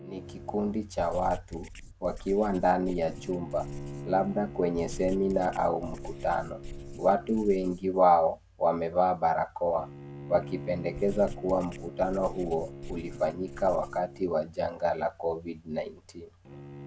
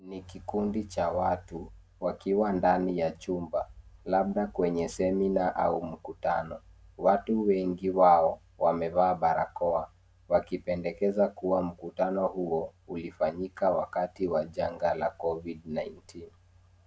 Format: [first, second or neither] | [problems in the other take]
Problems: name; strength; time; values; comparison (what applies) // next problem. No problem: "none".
second | background sound (Writing + Bowed string instrument); 13 dB below the speech